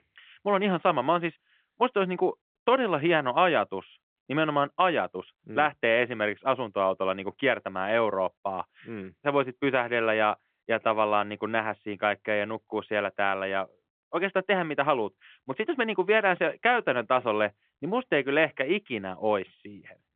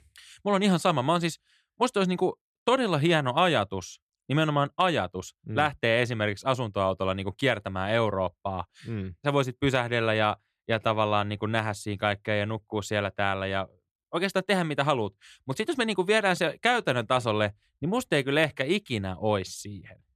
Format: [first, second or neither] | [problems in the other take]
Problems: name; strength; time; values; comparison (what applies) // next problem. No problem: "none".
second | phone-call audio; nothing above 3.5 kHz